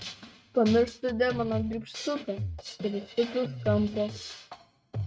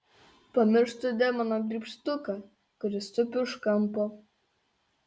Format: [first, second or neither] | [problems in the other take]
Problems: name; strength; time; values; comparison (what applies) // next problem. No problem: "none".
second | noise reduction (neural mask model RNNoise)